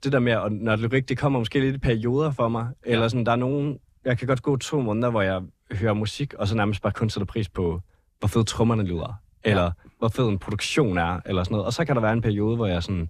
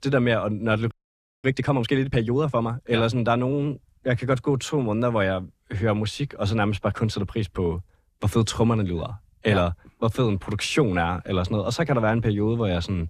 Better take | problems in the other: first | audio freezing; at 1 s for 0.5 s

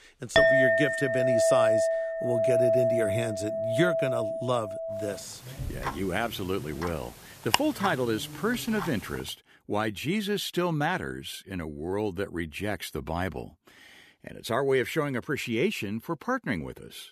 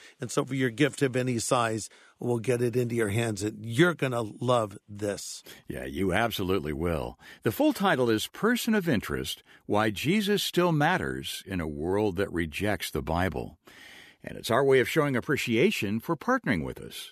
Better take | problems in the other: second | household noises; very loud; until 9 s; 4 dB above the speech

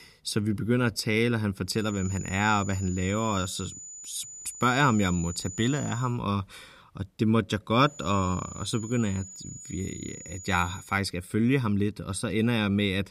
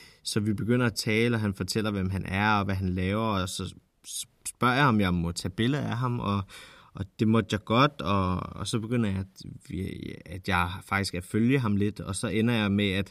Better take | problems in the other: second | high-pitched whine; noticeable; from 2 to 6 s and from 8 to 11 s; 7 kHz, 15 dB below the speech

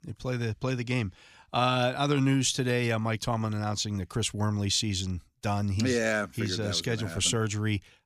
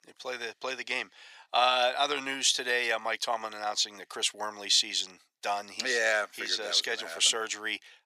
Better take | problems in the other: first | thin; very; fading below 500 Hz

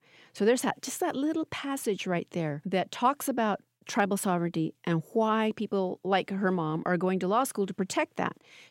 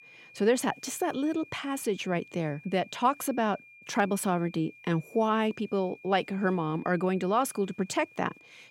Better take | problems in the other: first | high-pitched whine; faint; throughout; 2.5 kHz, 20 dB below the speech

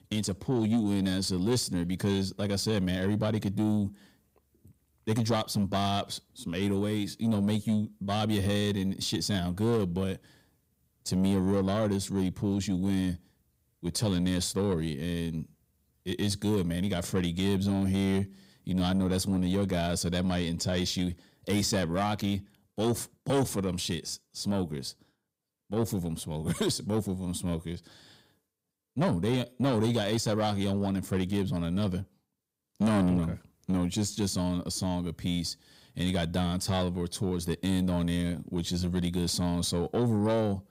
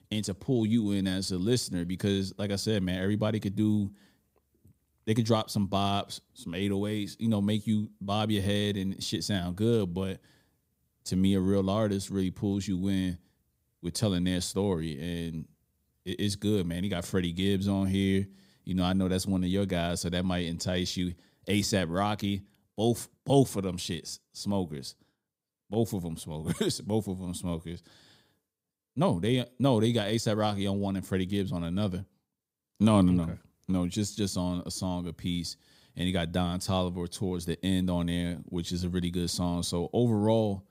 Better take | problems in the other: second | distortion; slight; 10 dB below the speech

